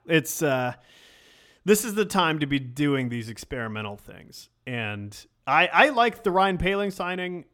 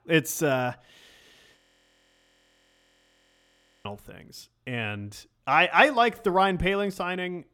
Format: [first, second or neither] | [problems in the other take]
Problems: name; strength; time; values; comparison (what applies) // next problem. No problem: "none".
first | audio freezing; at 1.5 s for 2.5 s